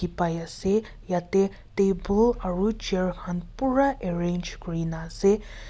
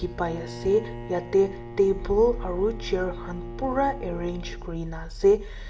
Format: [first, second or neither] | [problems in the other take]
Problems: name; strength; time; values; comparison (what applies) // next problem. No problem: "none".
first | background sound (Bowed string instrument); 14 dB below the speech // room echo; dies away in 0.7 s